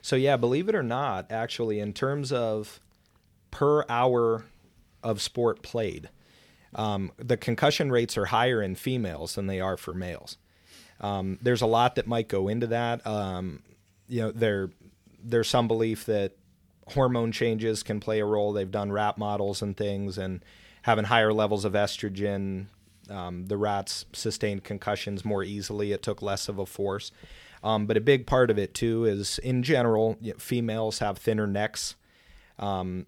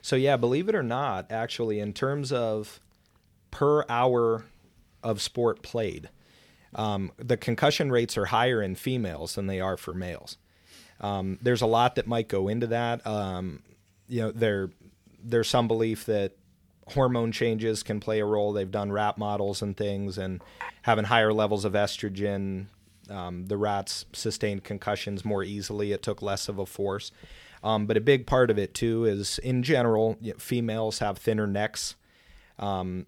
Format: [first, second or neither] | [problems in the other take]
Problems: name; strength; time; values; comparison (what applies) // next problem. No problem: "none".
first | clattering dishes; faint; at 20 s; peak 15 dB below the speech